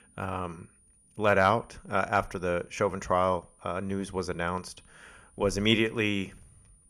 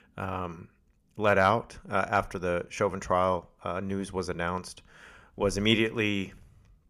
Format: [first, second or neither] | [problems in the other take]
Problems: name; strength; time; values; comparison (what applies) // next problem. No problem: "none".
second | high-pitched whine; faint; throughout; 9.5 kHz, 30 dB below the speech